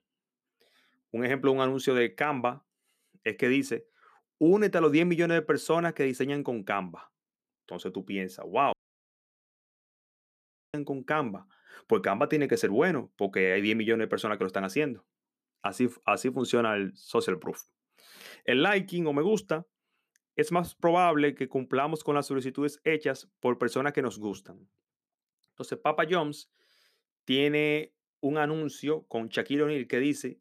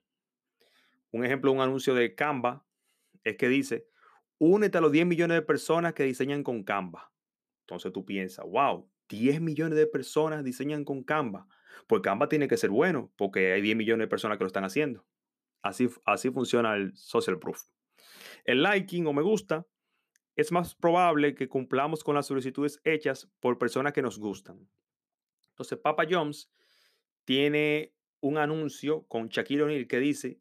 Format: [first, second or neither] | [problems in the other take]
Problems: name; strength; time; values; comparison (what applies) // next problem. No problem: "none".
second | audio cutting out; at 8.5 s for 2 s